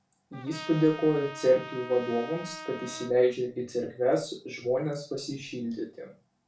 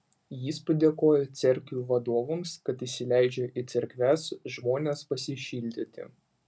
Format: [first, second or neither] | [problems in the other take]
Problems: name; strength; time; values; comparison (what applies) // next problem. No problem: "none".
second | background sound (Trumpet); 13 dB below the speech // room echo; dies away in 0.3 s